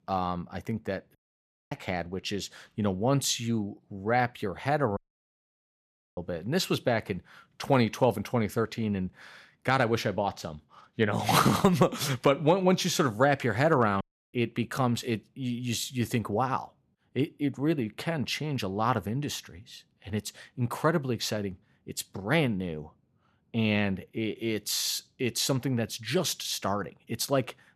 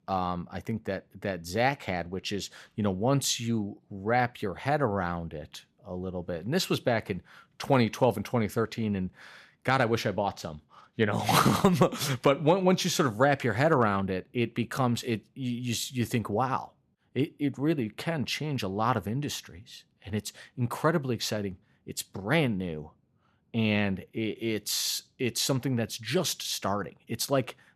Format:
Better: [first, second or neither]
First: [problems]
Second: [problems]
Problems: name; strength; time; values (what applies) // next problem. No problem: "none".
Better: second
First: audio cutting out; at 1 s for 0.5 s, at 5 s for 1 s and at 14 s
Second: none